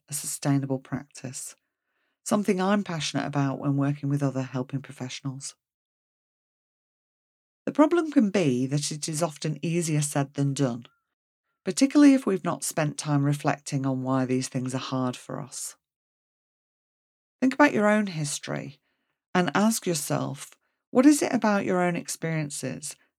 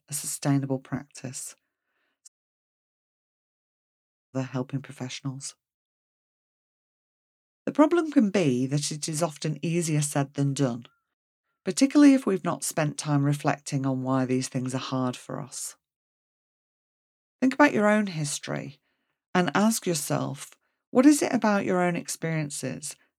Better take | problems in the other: first | audio cutting out; at 2.5 s for 2 s

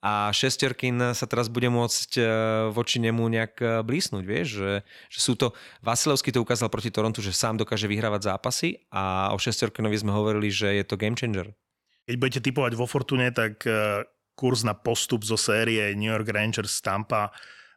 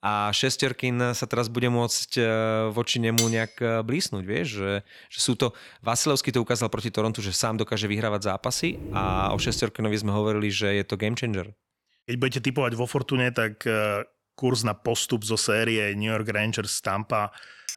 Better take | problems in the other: first | clattering dishes; noticeable; at 3 s; peak level with the speech // dog barking; noticeable; from 8.5 to 9.5 s; peak 6 dB below the speech // clattering dishes; faint; at 17 s; peak 10 dB below the speech

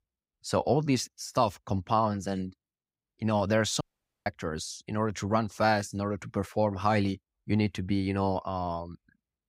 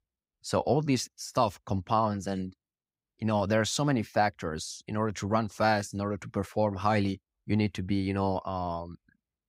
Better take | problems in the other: second | audio cutting out; at 4 s

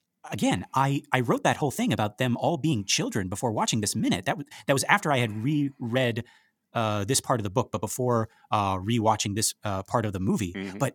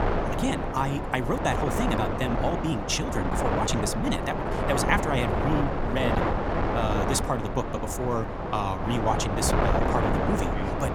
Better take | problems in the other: first | wind noise on the microphone; heavy; 1 dB above the speech

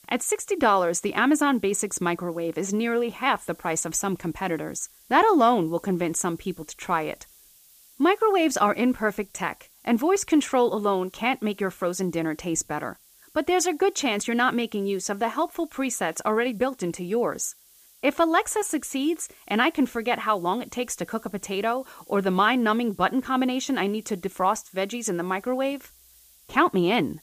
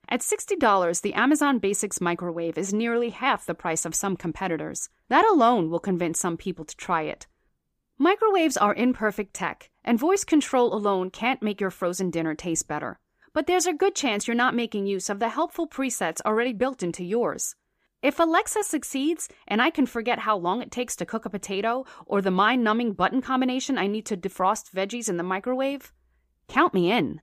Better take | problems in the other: second | hiss; faint; throughout; 25 dB below the speech

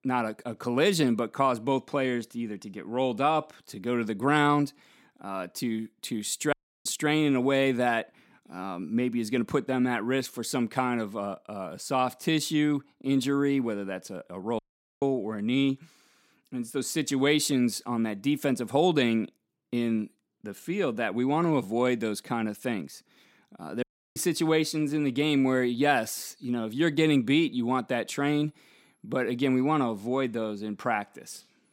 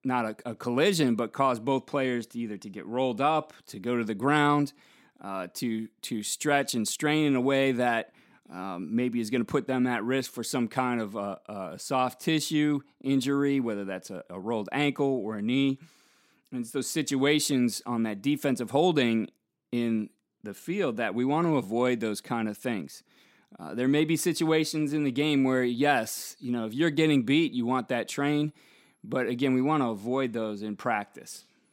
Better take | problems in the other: second | audio cutting out; at 6.5 s, at 15 s and at 24 s

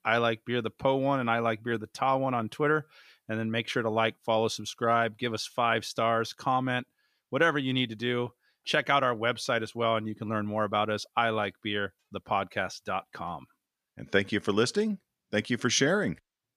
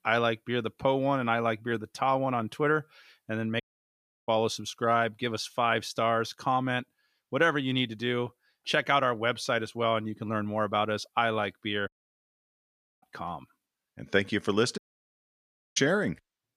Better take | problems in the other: first | audio cutting out; at 3.5 s for 0.5 s, at 12 s for 1 s and at 15 s for 1 s

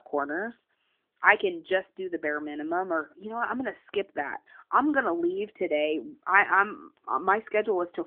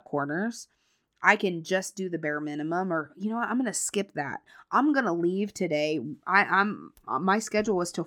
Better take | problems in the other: second | phone-call audio

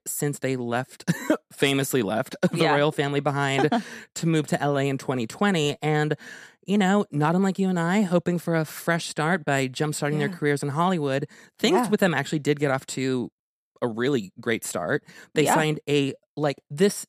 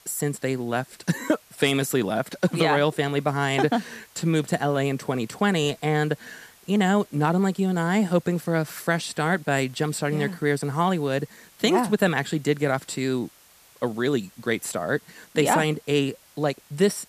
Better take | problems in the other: first | hiss; faint; throughout; 25 dB below the speech

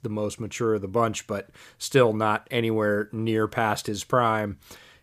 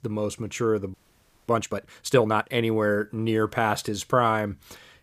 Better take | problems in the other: first | audio freezing; at 1 s for 0.5 s

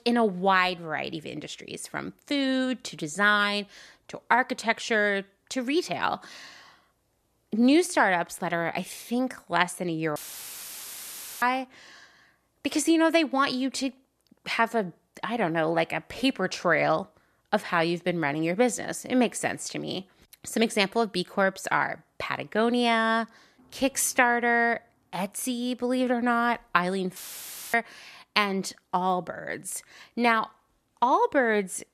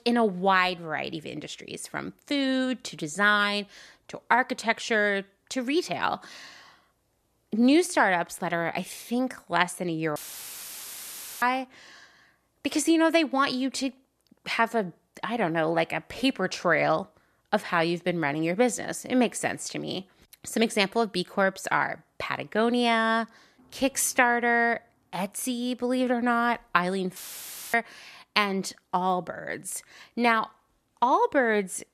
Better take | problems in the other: neither | audio cutting out; filled with static; at 10 s for 1.5 s and at 27 s for 0.5 s; the same in both

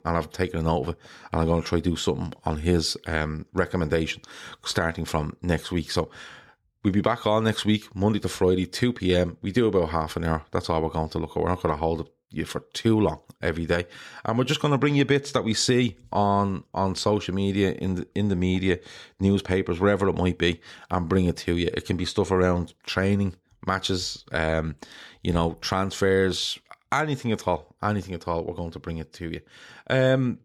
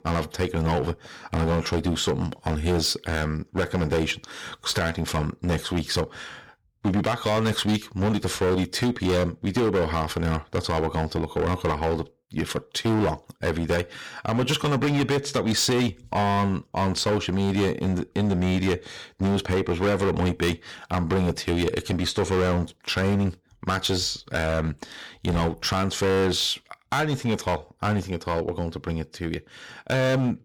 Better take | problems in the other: first | distortion; heavy; 14% of the sound clipped

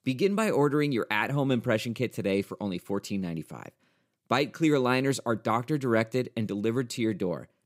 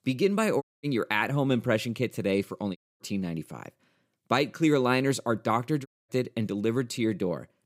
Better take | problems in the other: first | audio cutting out; at 0.5 s, at 3 s and at 6 s

